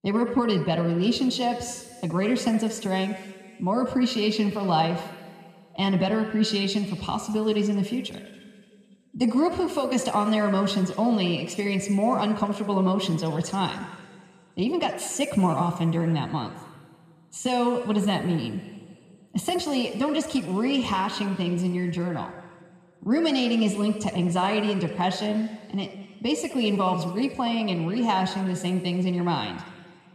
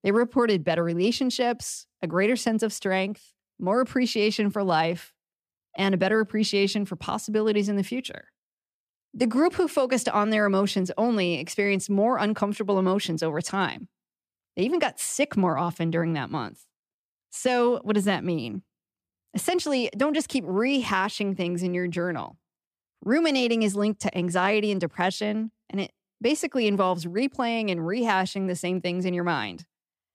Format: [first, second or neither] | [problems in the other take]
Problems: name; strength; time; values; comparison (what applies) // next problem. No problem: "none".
second | room echo; noticeable; dies away in 1.9 s